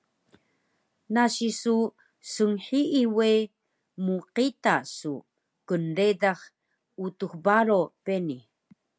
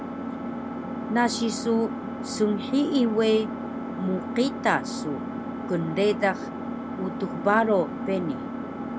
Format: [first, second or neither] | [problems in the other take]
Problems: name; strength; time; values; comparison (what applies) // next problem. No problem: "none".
first | background sound (Engine); 5 dB below the speech